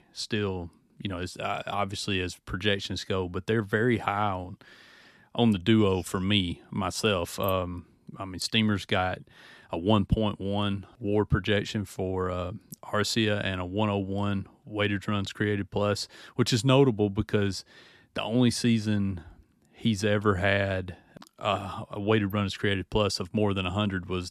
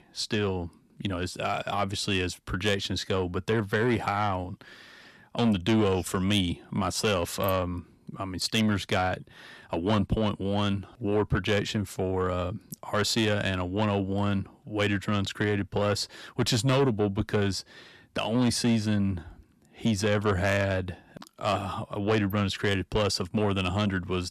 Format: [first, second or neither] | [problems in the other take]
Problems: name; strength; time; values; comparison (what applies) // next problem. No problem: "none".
first | distortion; slight; 10 dB below the speech